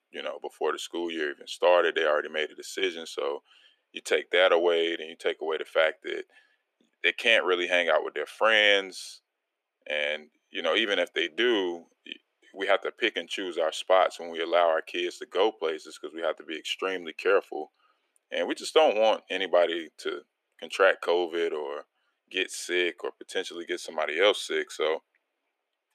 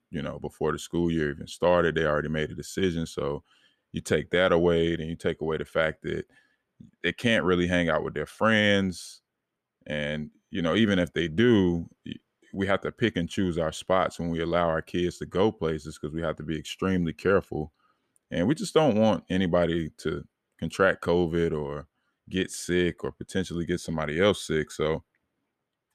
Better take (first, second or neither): second